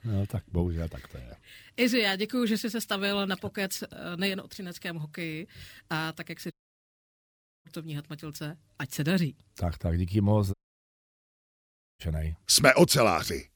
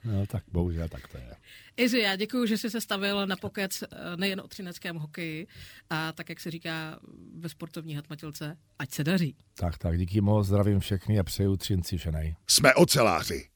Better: second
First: audio cutting out; at 6.5 s for 1 s and at 11 s for 1.5 s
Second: none

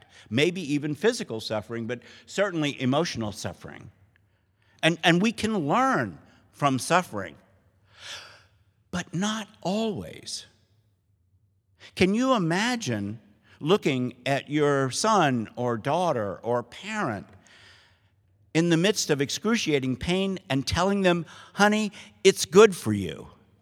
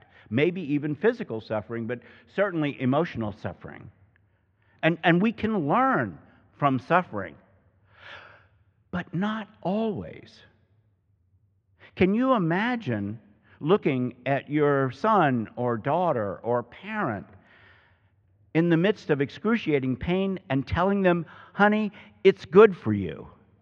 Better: first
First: none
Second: muffled; very; fading above 2.5 kHz

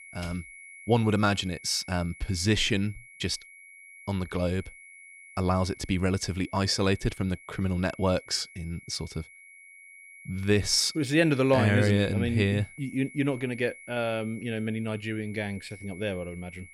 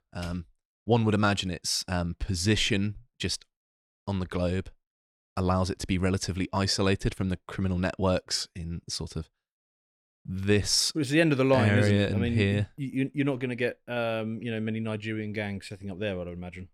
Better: second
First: high-pitched whine; noticeable; throughout; 2 kHz, 20 dB below the speech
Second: none

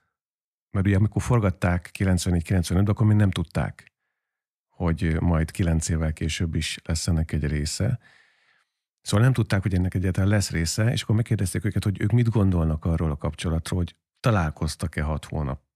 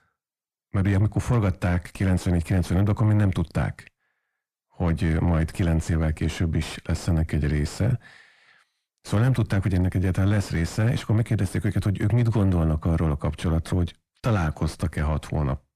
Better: first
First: none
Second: distortion; slight; 9 dB below the speech

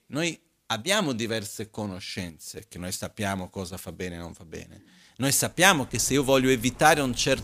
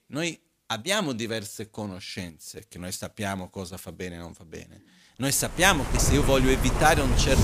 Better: first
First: rain or running water; faint; from 5.5 s on; 20 dB below the speech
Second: rain or running water; loud; from 5.5 s on; 2 dB below the speech

